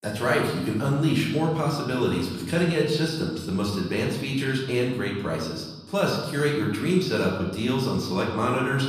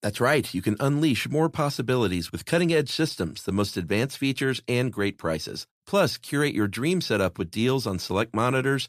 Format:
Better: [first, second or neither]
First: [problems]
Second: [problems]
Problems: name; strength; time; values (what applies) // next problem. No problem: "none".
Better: second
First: room echo; noticeable; dies away in 1.1 s // off-mic speech; far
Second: none